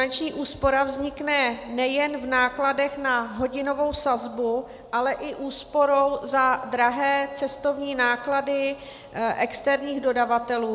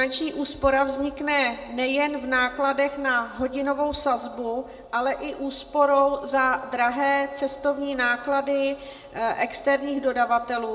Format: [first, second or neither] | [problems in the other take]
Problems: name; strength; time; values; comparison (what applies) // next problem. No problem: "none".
first | room echo; dies away in 0.7 s